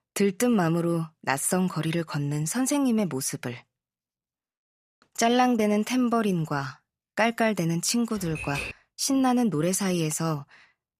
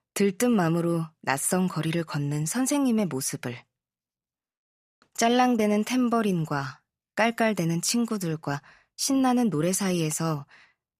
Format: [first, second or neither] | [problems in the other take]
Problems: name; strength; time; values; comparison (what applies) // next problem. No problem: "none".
second | keyboard typing; noticeable; at 8 s; peak 7 dB below the speech